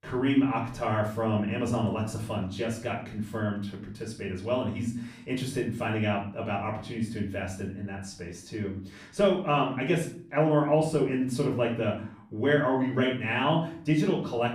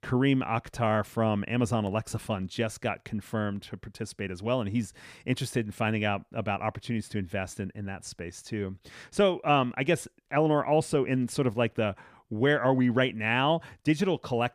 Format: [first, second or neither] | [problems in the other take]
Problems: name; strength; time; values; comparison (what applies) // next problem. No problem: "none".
second | off-mic speech; far // room echo; slight; dies away in 0.4 s